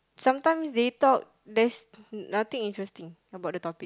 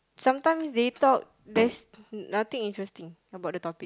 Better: first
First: none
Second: background sound (Slam); 14 dB below the speech

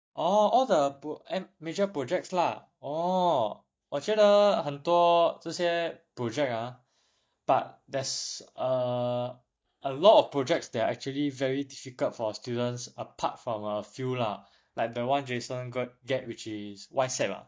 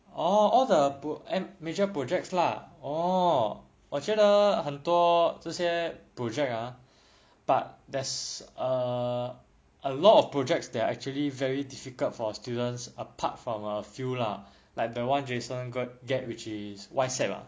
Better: second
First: noise reduction (neural mask model DeepFilterNet 3)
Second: none

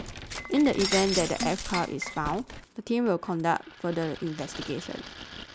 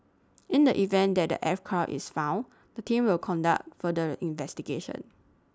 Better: second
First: background sound (Shatter); 8 dB below the speech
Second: none

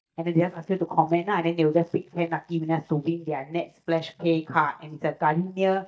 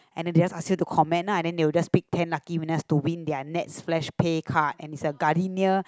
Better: second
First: noise reduction (neural mask model DeepFilterNet 3)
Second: none

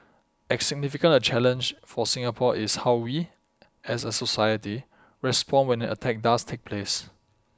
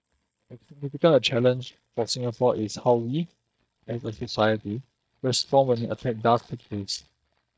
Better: first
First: none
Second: noise reduction (neural mask model DeepFilterNet 3)

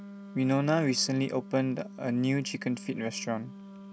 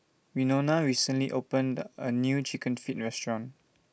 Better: second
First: background sound (Wind instrument, woodwind instrument); 15 dB below the speech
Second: none

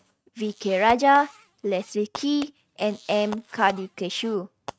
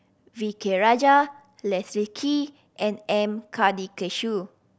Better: second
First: noise reduction (neural mask model RNNoise)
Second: none

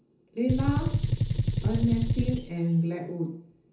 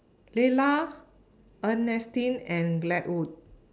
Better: second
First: background sound (Gunshot, gunfire); 3 dB above the speech // room echo; dies away in 0.6 s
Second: none

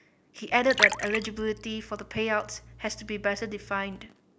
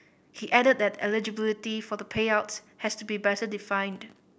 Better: second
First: background sound (Liquid); 3 dB below the speech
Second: none

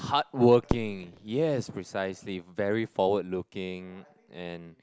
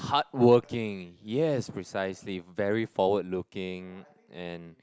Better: second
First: background sound (Fireworks); 13 dB below the speech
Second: none

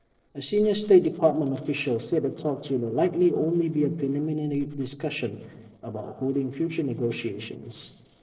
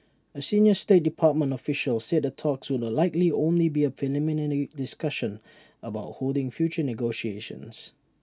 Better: second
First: noise reduction (neural separator model SepFormer DNS4)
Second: none

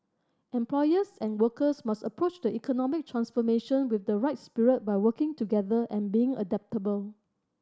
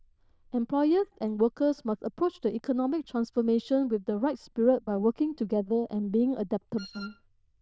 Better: first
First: none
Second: noise reduction (neural diffusion model UNIVERSE++)

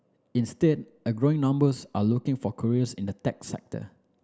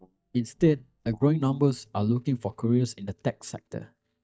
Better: first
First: none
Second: noise reduction (neural mask model DeepFilterNet 3)

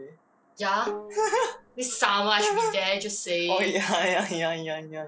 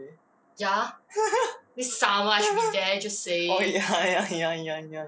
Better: second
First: background sound (Bowed string instrument); 15 dB below the speech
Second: none

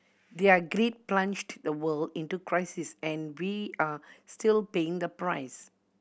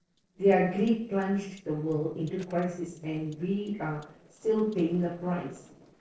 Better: first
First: none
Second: noise reduction (neural separator model SepFormer DNS4)

